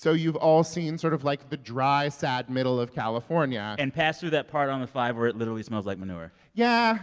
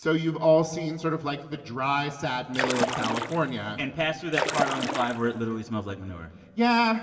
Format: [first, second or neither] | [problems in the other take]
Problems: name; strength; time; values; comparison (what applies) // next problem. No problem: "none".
first | background sound (Splash, splatter); 4 dB below the speech // room echo; dies away in 1.8 s